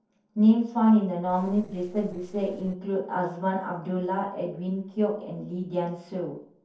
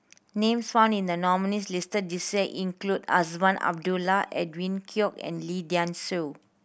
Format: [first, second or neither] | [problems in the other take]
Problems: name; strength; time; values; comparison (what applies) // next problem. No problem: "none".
second | noise reduction (neural separator model SepFormer DNS4)